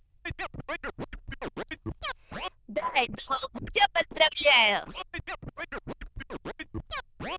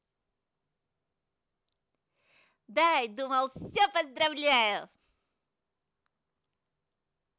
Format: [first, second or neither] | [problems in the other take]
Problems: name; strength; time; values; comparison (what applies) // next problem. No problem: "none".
second | noise reduction (neural diffusion model UNIVERSE++)